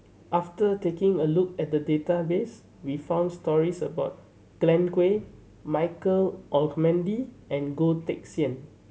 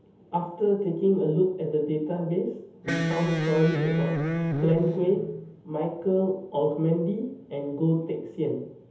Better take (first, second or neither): first